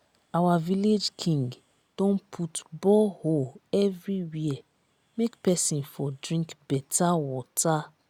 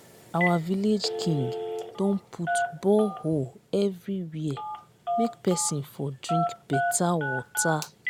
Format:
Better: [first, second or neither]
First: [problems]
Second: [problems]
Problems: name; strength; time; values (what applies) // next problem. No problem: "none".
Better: first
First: none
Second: background sound (Telephone); 5 dB below the speech